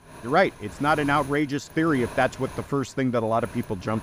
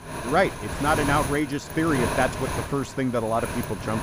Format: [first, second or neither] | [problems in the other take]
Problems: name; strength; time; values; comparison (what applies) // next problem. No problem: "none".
first | wind noise on the microphone; heavy; 6 dB below the speech; occasional gusts in the first